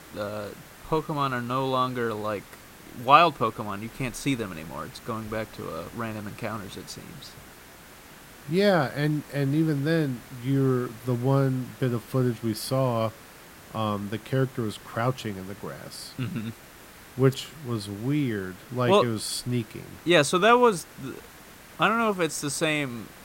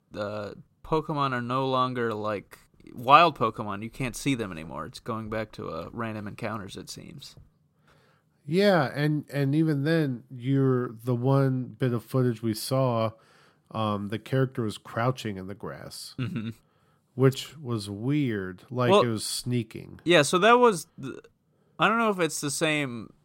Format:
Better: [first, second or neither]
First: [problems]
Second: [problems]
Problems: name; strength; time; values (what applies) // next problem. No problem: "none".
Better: second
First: hiss; faint; throughout; 20 dB below the speech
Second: none